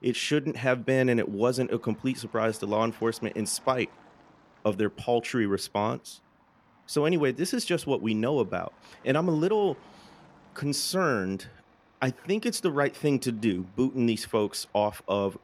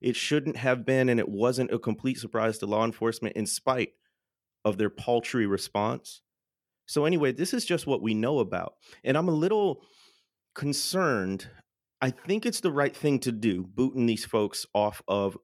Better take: second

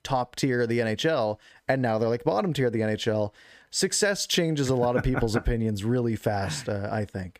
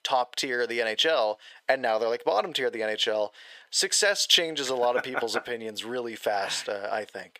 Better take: first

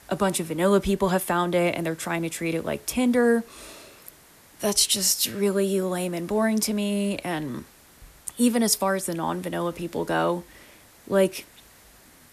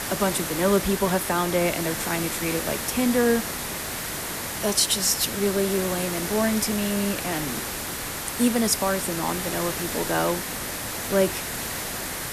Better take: first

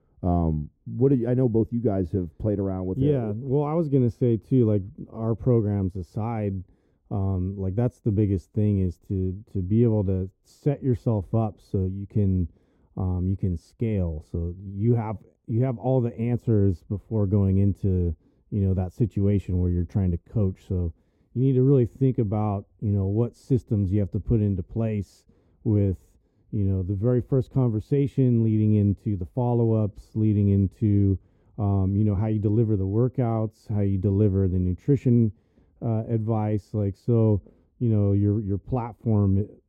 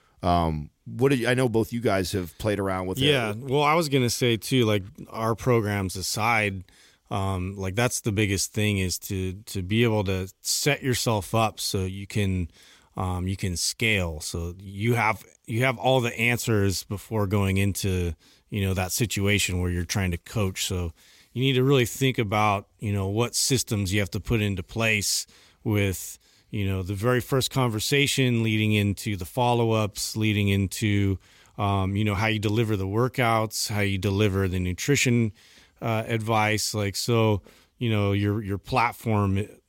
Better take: second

